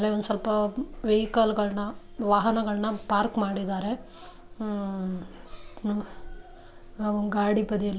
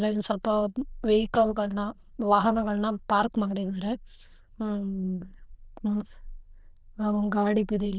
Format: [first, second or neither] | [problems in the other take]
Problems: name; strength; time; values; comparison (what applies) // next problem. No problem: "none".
first | noise reduction (neural diffusion model UNIVERSE++)